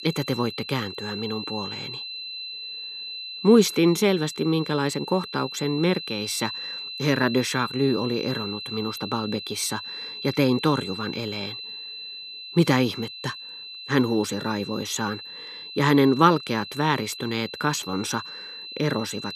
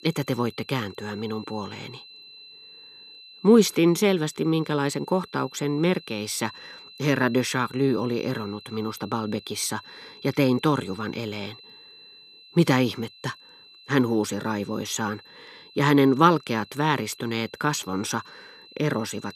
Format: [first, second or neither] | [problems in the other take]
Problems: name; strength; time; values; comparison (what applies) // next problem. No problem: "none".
second | high-pitched whine; loud; throughout; 4 kHz, 9 dB below the speech; faint in the second